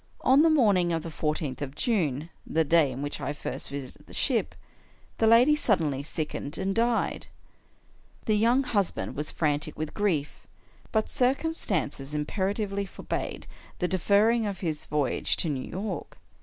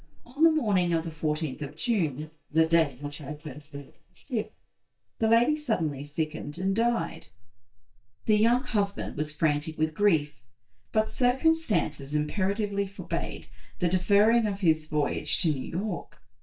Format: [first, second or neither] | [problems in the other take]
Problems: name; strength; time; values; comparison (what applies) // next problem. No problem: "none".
first | noise reduction (neural mask model DeepFilterNet 3)